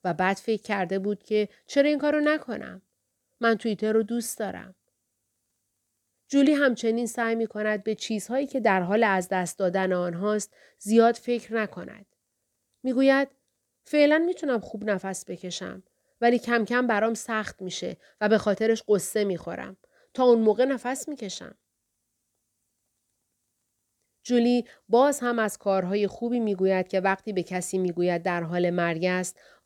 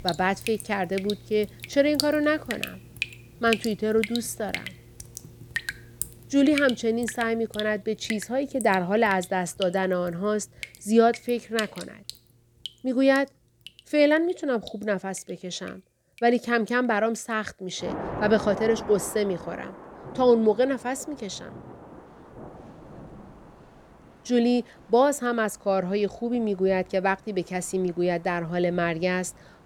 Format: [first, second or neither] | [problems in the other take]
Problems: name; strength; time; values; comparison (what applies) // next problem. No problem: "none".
first | rain or running water; noticeable; throughout; 10 dB below the speech